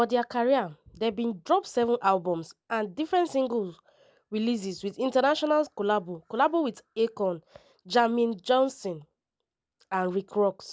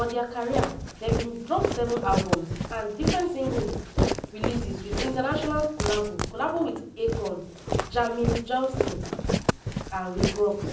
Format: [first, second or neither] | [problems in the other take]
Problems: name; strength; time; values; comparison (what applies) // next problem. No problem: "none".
first | background sound (Walk, footsteps); as loud as the speech // room echo; dies away in 0.6 s